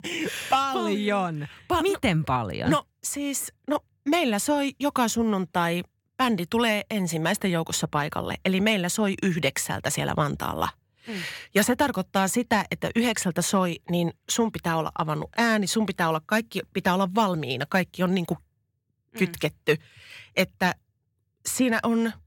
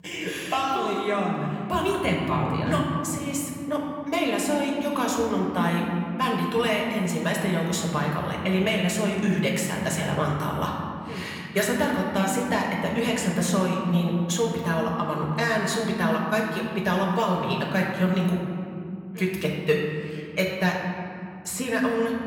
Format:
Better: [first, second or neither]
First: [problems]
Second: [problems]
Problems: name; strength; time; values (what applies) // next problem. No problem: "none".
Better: first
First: none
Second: room echo; noticeable; dies away in 2.6 s // off-mic speech; somewhat distant